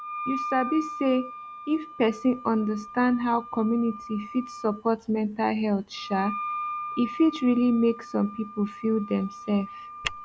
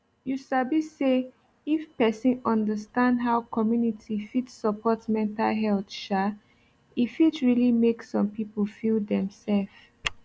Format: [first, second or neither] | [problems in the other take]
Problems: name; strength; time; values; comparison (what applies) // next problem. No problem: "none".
second | background sound (Wind instrument, woodwind instrument); 11 dB below the speech